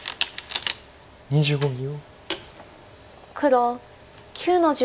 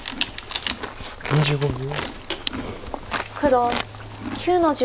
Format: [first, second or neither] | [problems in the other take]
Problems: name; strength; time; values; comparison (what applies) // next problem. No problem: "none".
first | background sound (Livestock, farm animals, working animals); 7 dB below the speech